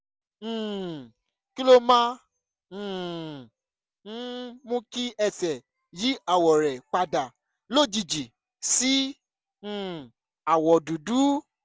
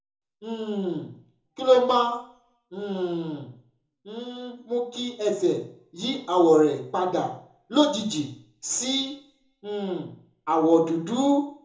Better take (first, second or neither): first